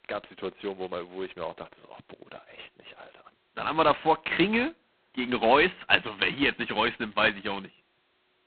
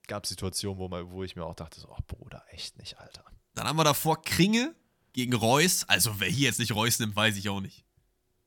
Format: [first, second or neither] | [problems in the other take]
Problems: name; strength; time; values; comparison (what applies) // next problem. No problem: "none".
second | phone-call audio; poor line; nothing above 4 kHz